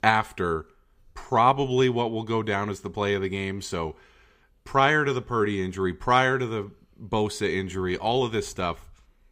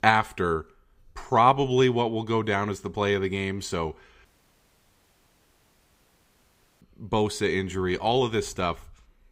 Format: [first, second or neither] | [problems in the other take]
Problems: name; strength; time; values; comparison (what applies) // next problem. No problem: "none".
first | audio cutting out; at 4.5 s for 2.5 s